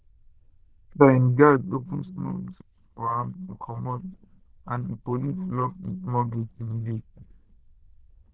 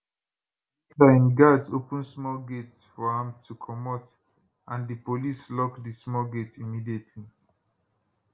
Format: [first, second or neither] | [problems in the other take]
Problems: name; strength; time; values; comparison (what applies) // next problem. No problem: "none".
second | noise reduction (neural diffusion model UNIVERSE++)